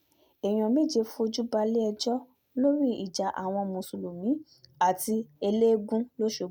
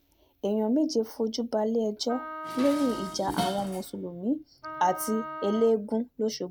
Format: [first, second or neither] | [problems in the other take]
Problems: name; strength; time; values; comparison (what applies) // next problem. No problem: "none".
first | background sound (Wind instrument, woodwind instrument + Dishes, pots, and pans); 11 dB below the speech